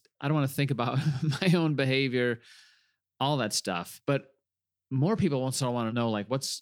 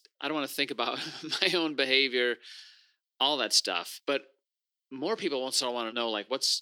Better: first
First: none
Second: thin; somewhat; fading below 350 Hz

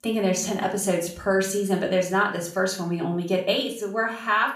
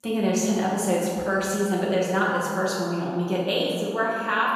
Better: first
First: room echo; slight; dies away in 0.4 s // off-mic speech; far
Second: room echo; strong; dies away in 1.9 s // off-mic speech; far

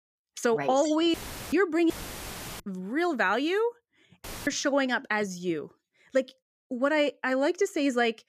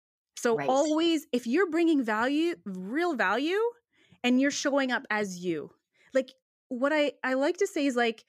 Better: second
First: audio cutting out; filled with static; at 1 s, at 2 s for 0.5 s and at 4 s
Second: none

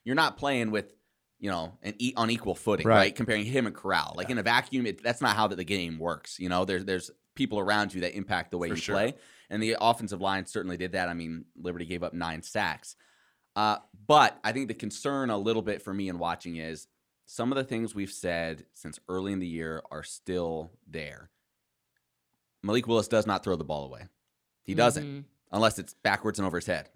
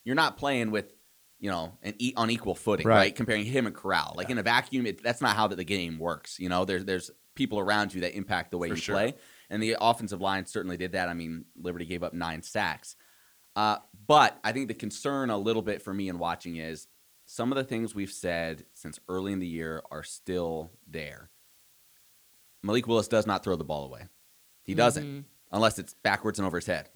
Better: first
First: none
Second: hiss; faint; throughout; 30 dB below the speech

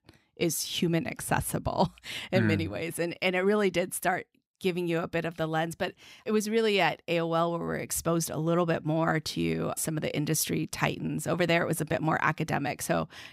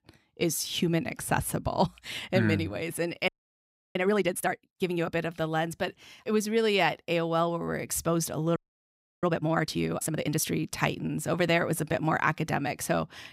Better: first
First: none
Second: audio freezing; at 3.5 s for 0.5 s and at 8.5 s for 0.5 s

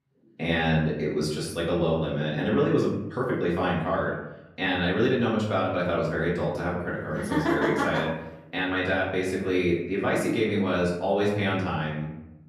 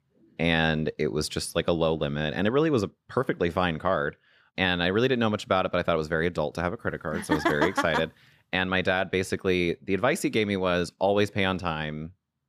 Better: second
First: off-mic speech; far // room echo; noticeable; dies away in 0.8 s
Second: none

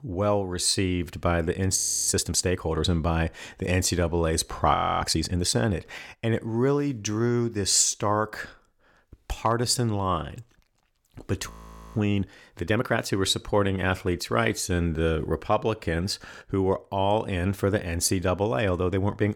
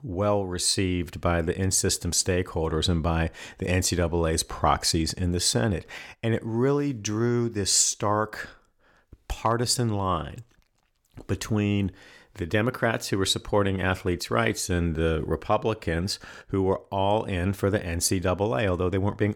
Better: second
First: audio freezing; at 2 s, at 4.5 s and at 12 s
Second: none

